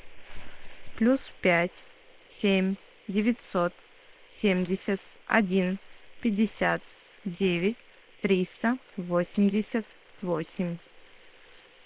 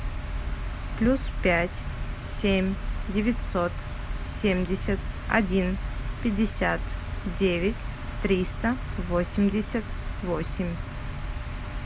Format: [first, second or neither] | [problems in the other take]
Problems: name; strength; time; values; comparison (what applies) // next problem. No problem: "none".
second | noise reduction (neural separator model SepFormer WHAM!)